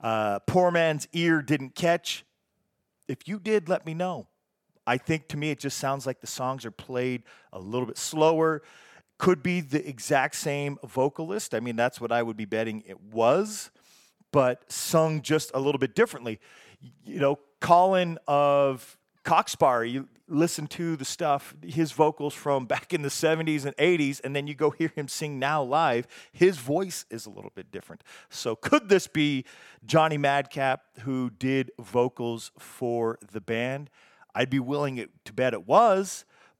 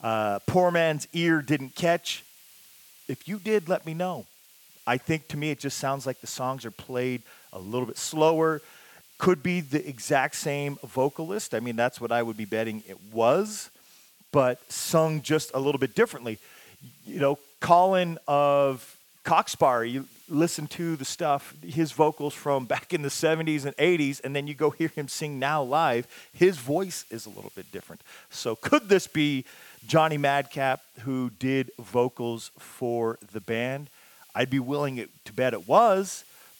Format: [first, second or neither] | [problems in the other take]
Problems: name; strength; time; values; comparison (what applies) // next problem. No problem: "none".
first | hiss; faint; throughout; 25 dB below the speech